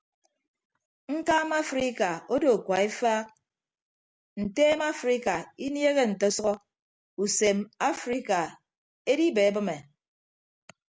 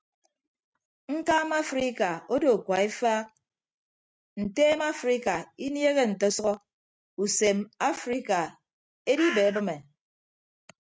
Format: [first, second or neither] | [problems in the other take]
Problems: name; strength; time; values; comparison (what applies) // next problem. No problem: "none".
first | noise reduction (neural mask model RNNoise)